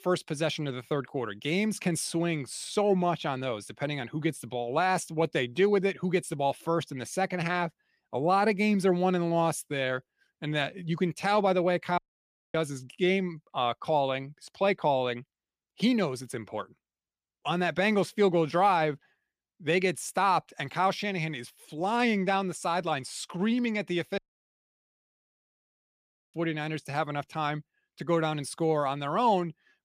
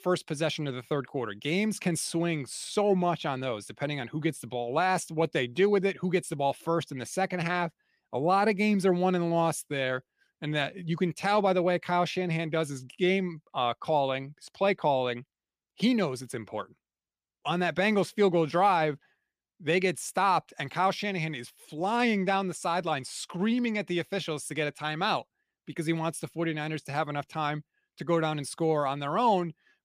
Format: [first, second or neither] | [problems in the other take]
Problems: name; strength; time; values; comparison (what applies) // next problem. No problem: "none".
second | audio cutting out; at 12 s for 0.5 s and at 24 s for 2 s